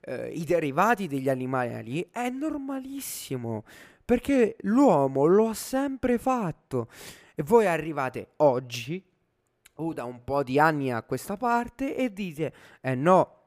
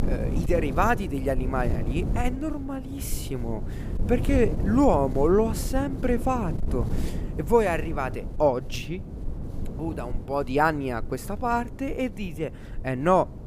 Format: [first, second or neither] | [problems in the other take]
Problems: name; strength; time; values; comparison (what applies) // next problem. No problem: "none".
first | wind noise on the microphone; occasional gusts; 15 dB below the speech